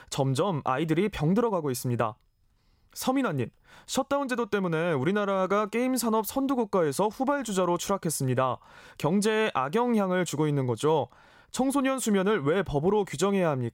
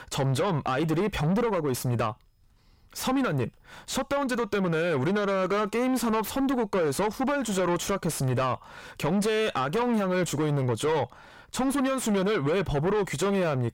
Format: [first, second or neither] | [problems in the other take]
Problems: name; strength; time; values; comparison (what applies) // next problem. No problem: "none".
first | distortion; heavy; 6 dB below the speech